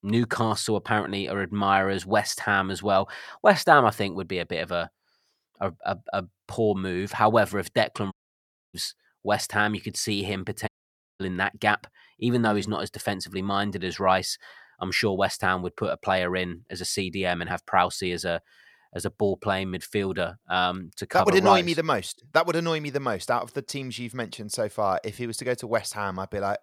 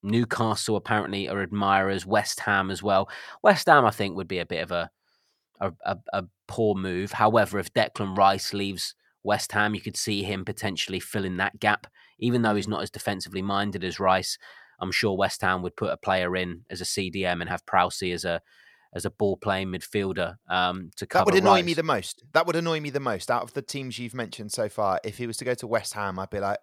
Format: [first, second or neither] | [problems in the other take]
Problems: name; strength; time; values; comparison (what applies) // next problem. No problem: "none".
second | audio cutting out; at 8 s for 0.5 s and at 11 s for 0.5 s